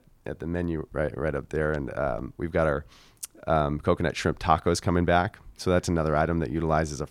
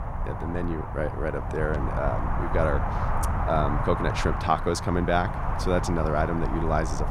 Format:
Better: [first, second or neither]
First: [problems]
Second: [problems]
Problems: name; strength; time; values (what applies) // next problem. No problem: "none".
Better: first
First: none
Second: wind noise on the microphone; heavy; 4 dB below the speech